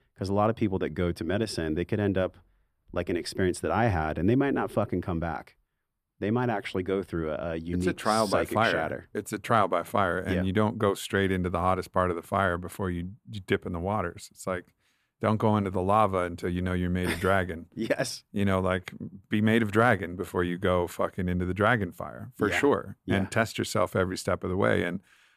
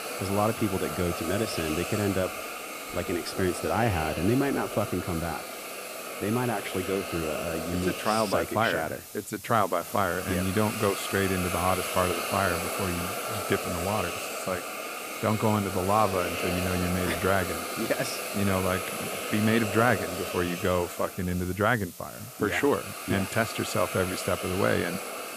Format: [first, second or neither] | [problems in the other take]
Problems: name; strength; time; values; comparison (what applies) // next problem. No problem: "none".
first | hiss; loud; throughout; 5 dB below the speech